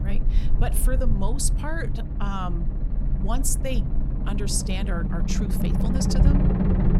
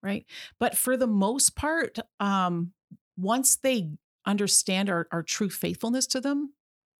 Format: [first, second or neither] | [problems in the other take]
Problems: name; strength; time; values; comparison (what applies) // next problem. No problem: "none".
second | low rumble; loud; throughout; 4 dB below the speech